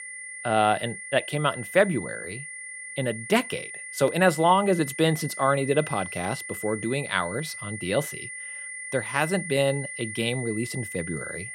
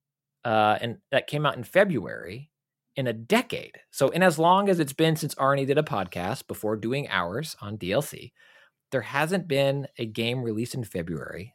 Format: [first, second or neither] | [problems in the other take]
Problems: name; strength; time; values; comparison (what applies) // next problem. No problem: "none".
second | high-pitched whine; loud; throughout; 2 kHz, 9 dB below the speech